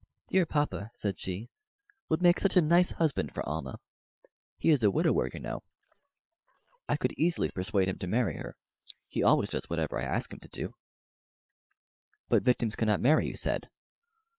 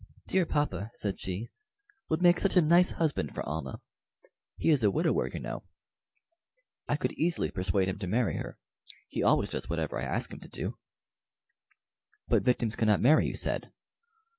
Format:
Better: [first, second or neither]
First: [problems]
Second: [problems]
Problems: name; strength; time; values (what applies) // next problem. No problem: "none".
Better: second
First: noise reduction (neural separator model SepFormer WHAM!)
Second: none